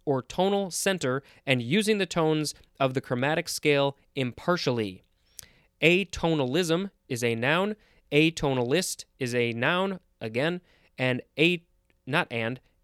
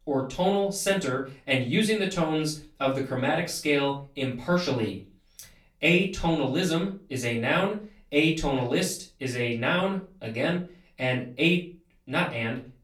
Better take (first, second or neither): first